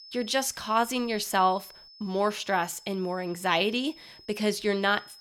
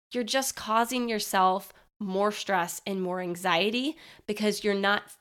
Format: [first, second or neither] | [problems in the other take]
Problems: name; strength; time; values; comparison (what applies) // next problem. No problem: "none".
second | high-pitched whine; faint; throughout; 5 kHz, 20 dB below the speech